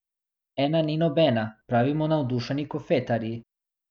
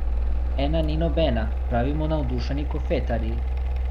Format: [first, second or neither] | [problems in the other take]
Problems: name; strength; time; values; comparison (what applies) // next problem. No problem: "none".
first | background sound (Mechanical fan); 4 dB above the speech